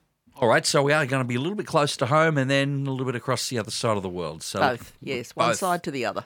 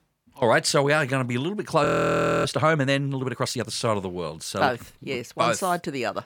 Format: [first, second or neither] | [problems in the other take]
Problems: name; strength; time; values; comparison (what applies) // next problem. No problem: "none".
first | audio freezing; at 2 s for 0.5 s